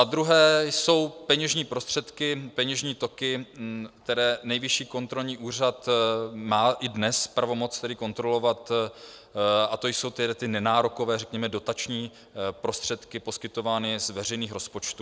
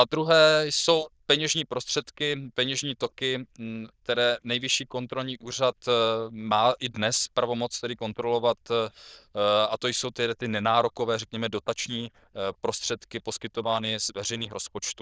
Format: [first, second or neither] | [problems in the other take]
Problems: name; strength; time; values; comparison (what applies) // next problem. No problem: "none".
first | noise reduction (neural diffusion model UNIVERSE++)